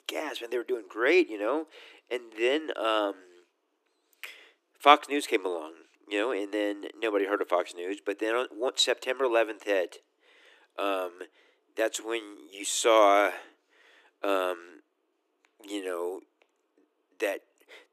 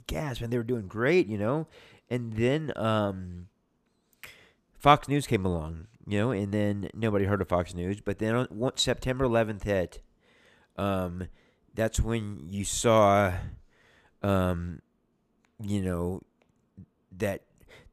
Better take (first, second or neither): second